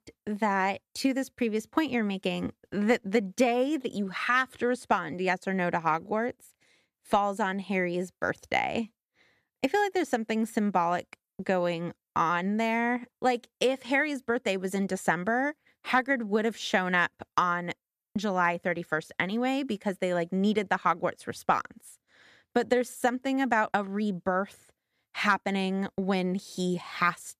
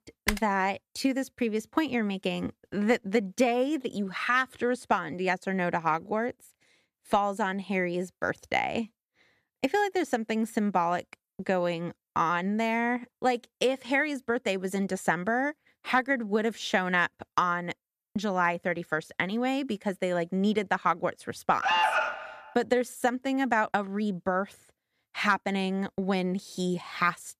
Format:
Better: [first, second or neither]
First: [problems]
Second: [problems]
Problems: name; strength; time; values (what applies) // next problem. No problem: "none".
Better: first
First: none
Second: keyboard typing; noticeable; at 0.5 s; peak 3 dB below the speech // alarm; loud; at 22 s; peak 5 dB above the speech